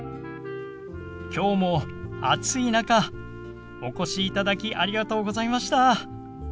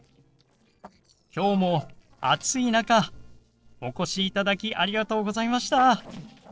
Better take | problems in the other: first | noise reduction (neural separator model SepFormer DNS4)

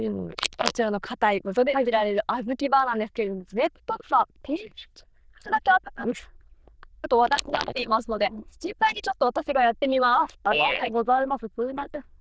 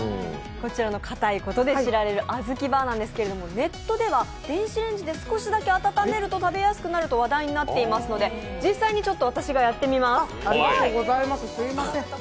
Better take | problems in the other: second | noise reduction (neural diffusion model UNIVERSE++)

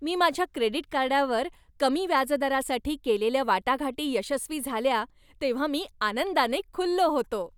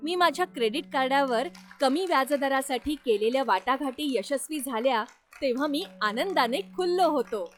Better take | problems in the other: first | noise reduction (classical method log-MMSE)

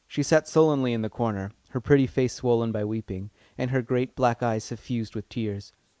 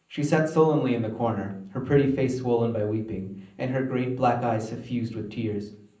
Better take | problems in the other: first | room echo; dies away in 0.6 s

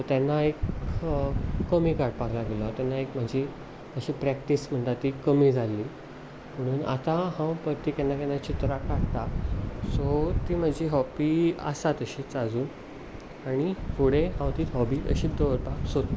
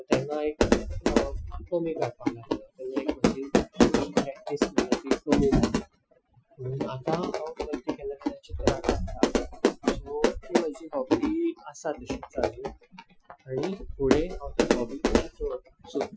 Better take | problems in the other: first | noise reduction (classical method Wiener filter)

